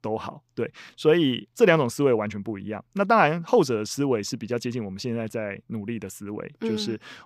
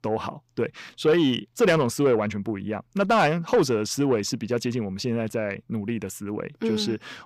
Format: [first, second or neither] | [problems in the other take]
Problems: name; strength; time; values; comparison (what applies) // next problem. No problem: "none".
first | distortion; slight; 10 dB below the speech